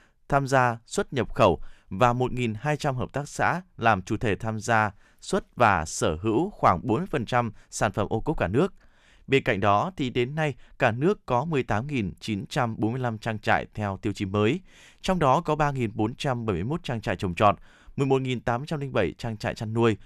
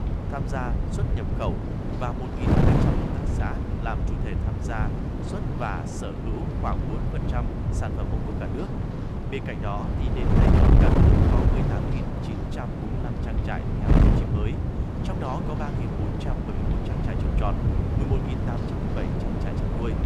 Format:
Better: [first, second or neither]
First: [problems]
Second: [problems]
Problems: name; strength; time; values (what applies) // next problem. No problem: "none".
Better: first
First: none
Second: wind noise on the microphone; heavy; 3 dB above the speech